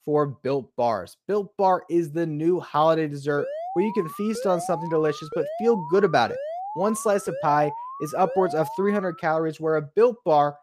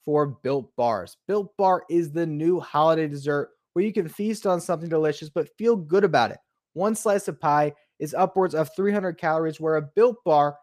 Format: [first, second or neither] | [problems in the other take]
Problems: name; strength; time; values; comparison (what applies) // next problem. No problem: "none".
second | alarm; noticeable; from 3.5 to 9 s; peak 8 dB below the speech